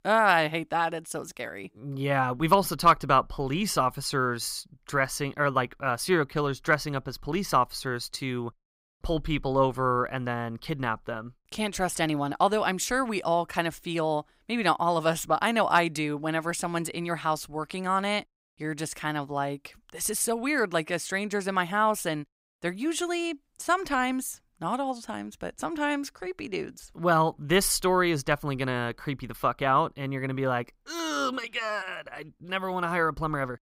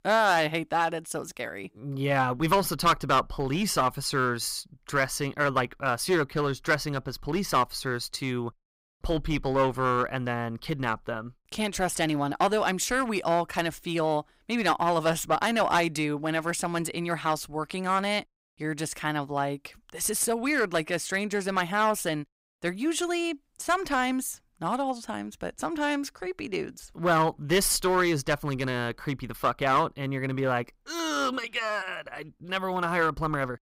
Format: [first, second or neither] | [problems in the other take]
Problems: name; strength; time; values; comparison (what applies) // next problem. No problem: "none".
first | distortion; slight; 4% of the sound clipped